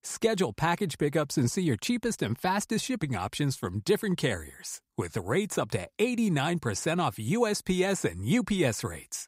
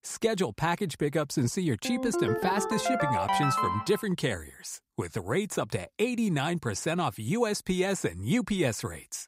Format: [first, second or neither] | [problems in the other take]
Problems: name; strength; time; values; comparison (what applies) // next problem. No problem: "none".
first | phone ringing; loud; from 2 to 4 s; peak 3 dB above the speech